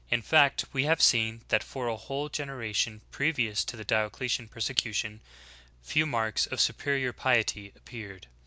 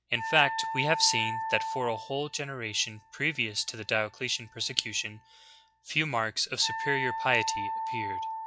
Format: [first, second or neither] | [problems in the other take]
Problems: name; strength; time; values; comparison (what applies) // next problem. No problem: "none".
first | noise reduction (classical method log-MMSE)